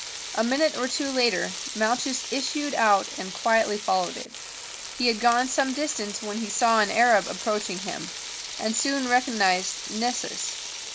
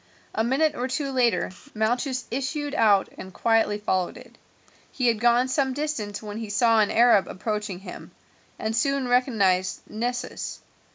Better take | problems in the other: second | background sound (Frying (food)); 9 dB below the speech

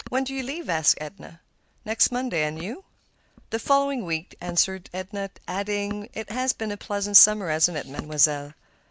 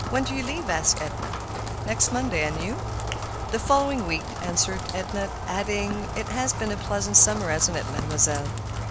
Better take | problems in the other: first | background sound (Rain); 4 dB below the speech

